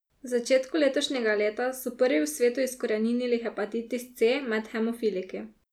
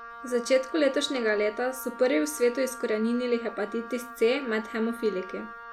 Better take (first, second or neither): first